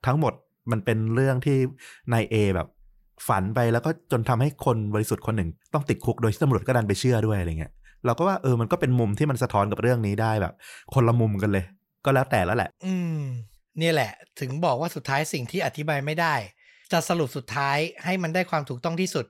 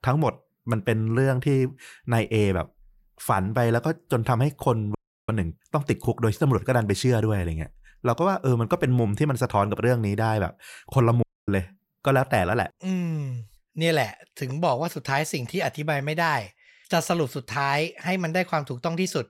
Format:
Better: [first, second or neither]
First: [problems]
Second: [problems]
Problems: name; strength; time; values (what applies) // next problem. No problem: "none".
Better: first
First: none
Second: audio cutting out; at 5 s and at 11 s